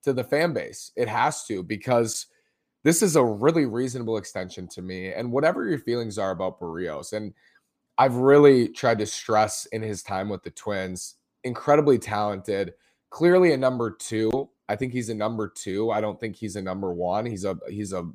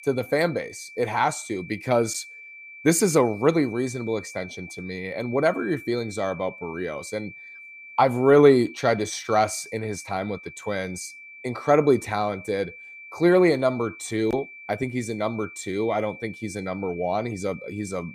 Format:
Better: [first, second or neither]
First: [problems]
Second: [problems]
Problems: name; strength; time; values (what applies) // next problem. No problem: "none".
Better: first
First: none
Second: high-pitched whine; noticeable; throughout; 2.5 kHz, 15 dB below the speech